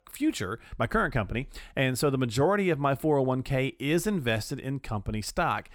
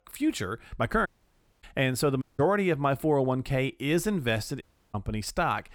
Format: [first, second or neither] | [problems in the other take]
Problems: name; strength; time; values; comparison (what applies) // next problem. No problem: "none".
first | audio cutting out; at 1 s for 0.5 s, at 2 s and at 4.5 s